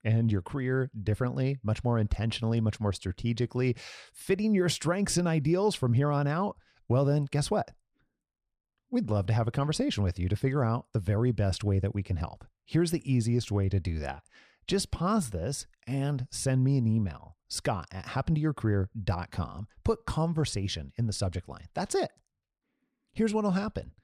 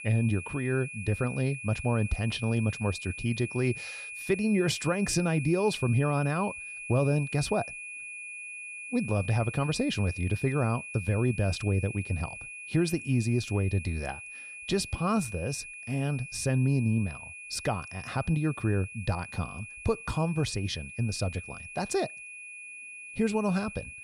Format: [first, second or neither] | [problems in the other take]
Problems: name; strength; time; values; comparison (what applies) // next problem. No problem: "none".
first | high-pitched whine; loud; throughout; 2.5 kHz, 10 dB below the speech